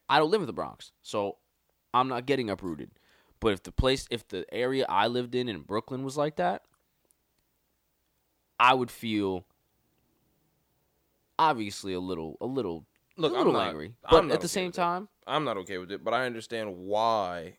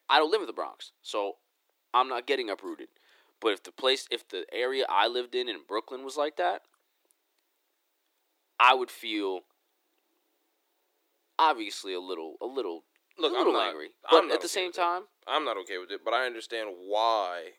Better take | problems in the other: first | thin; somewhat; fading below 350 Hz

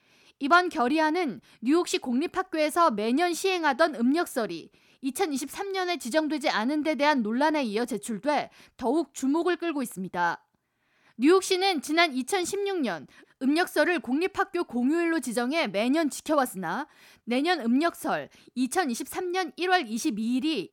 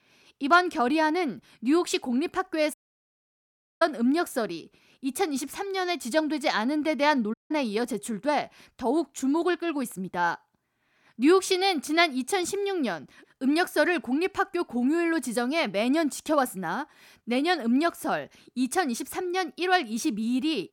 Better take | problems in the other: first | audio cutting out; at 2.5 s for 1 s and at 7.5 s

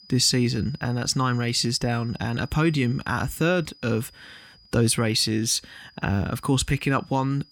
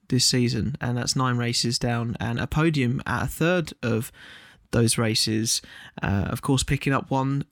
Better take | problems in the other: second | high-pitched whine; faint; throughout; 5 kHz, 25 dB below the speech

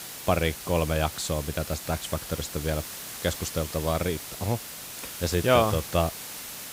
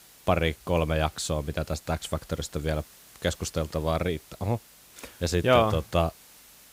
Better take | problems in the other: second | hiss; loud; throughout; 8 dB below the speech; faint in the second

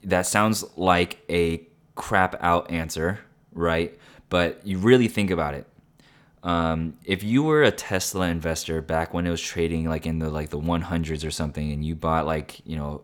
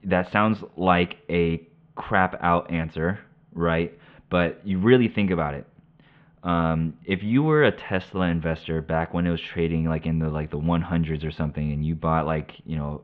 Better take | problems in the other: first | muffled; very; fading above 3 kHz

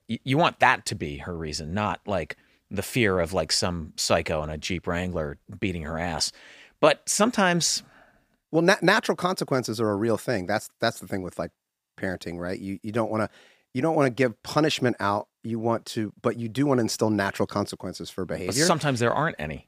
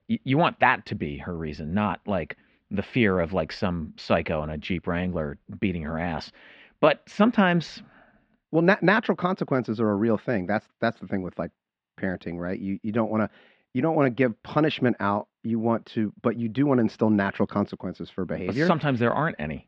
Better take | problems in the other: first | muffled; very; fading above 3.5 kHz

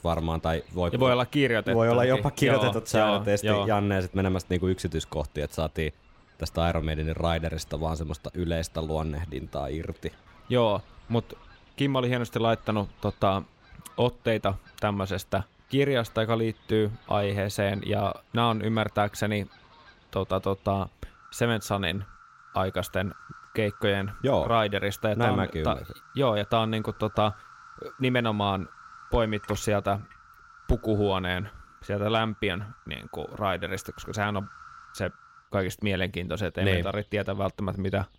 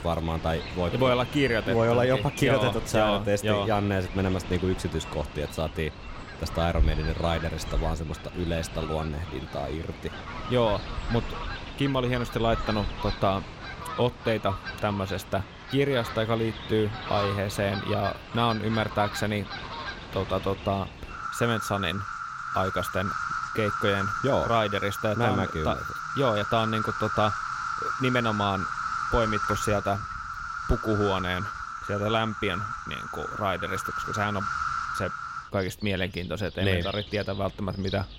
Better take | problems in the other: first | animal sounds; loud; throughout; 6 dB below the speech; faint in the first

